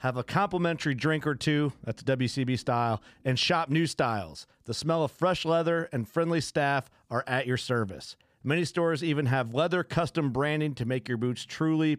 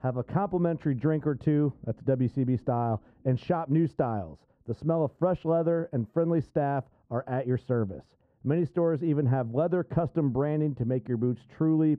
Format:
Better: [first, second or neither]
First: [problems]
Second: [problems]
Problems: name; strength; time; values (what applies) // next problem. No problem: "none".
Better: first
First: none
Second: muffled; very; fading above 1.5 kHz